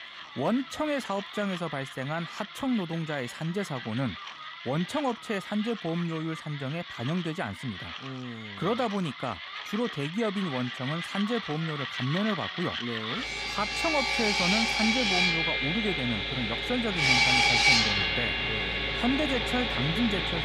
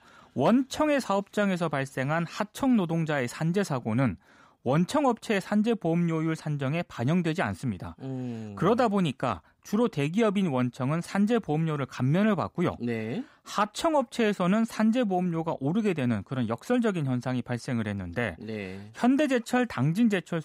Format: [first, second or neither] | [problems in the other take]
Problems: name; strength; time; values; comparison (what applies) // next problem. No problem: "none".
second | machinery noise; very loud; throughout; 5 dB above the speech